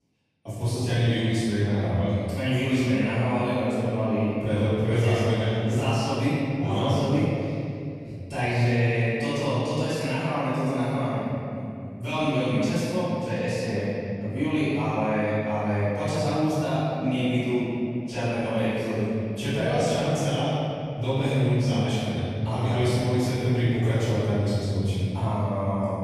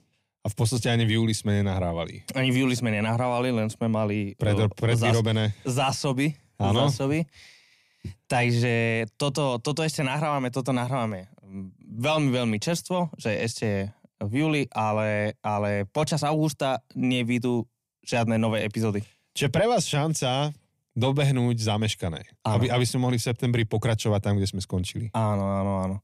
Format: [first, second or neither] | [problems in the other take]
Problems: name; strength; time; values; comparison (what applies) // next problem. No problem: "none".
second | off-mic speech; far // room echo; strong; dies away in 2.8 s